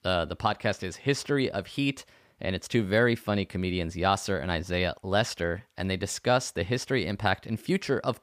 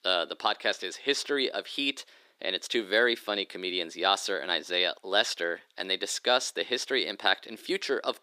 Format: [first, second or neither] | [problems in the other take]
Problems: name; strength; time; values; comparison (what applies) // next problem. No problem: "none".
first | thin; somewhat; fading below 350 Hz